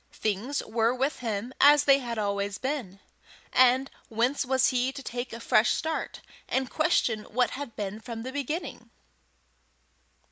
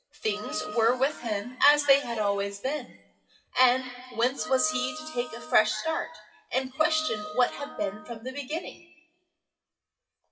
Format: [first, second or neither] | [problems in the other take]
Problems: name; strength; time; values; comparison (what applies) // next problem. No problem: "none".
first | noise reduction (classical method WPE with log-MMSE)